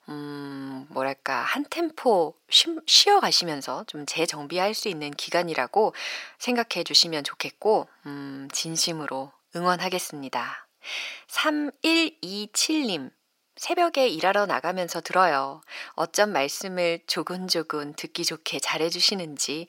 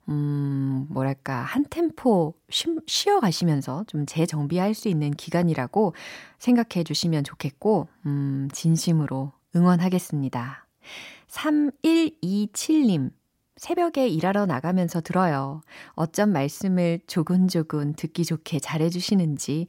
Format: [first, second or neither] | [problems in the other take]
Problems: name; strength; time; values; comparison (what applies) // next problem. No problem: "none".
second | thin; very; fading below 550 Hz